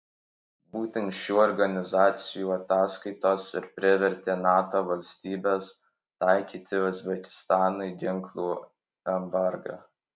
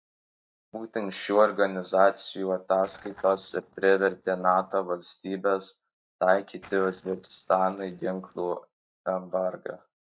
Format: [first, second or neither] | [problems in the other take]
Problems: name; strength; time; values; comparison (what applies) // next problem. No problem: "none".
first | noise reduction (neural mask model DeepFilterNet 3)